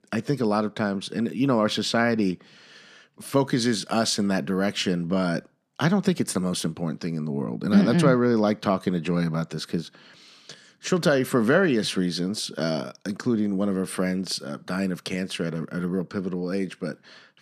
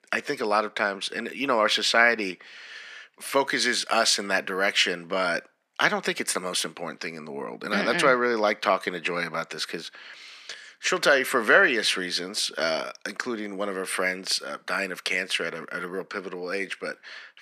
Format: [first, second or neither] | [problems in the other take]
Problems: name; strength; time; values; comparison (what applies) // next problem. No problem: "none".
first | thin; very; fading below 500 Hz